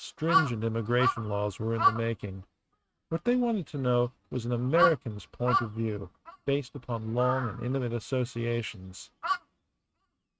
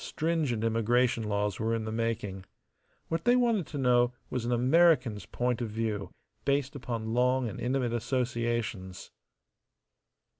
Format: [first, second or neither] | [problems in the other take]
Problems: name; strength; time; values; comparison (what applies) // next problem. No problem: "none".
second | noise reduction (neural mask model RNNoise)